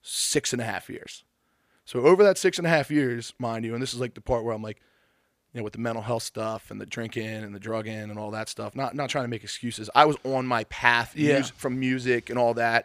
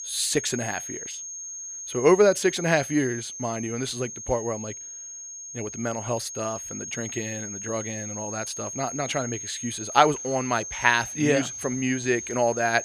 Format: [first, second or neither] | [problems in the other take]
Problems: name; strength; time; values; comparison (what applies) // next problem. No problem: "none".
first | high-pitched whine; loud; throughout; 6.5 kHz, 8 dB below the speech